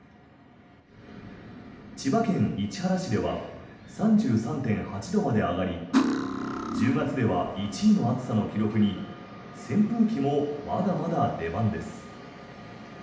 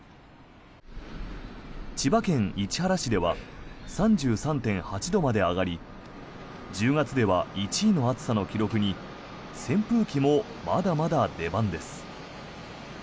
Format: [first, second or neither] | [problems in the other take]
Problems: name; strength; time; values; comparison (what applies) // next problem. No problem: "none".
second | background sound (Cutlery, silverware); 1 dB below the speech // room echo; dies away in 0.8 s